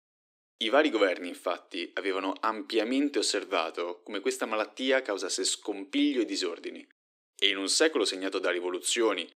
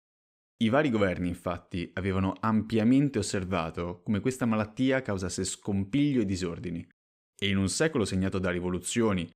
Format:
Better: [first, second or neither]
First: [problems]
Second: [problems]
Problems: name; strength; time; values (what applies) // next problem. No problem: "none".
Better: second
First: thin; somewhat; fading below 300 Hz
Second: none